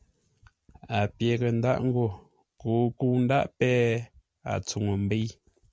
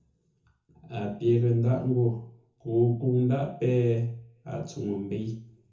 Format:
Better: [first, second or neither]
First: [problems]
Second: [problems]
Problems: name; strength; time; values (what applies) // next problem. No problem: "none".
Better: first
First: none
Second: room echo; dies away in 0.6 s